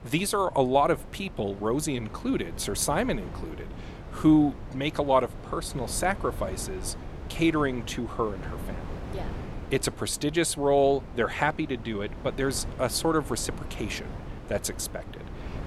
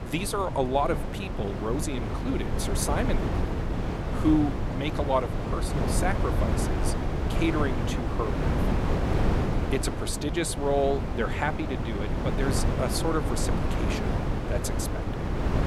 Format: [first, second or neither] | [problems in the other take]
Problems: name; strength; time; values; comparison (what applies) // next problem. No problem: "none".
first | wind noise on the microphone; heavy; 3 dB below the speech; occasional gusts in the first